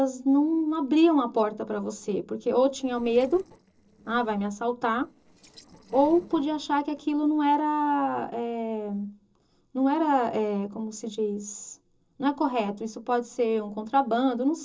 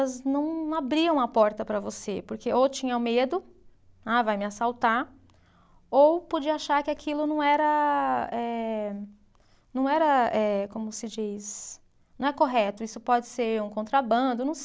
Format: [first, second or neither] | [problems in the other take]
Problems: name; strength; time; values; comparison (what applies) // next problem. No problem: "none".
second | noise reduction (neural separator model SepFormer DNS4)